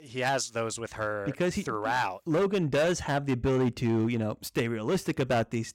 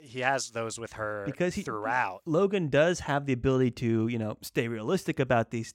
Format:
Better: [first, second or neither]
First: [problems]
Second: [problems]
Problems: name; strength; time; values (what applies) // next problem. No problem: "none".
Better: second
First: distortion; slight; 9% of the sound clipped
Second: none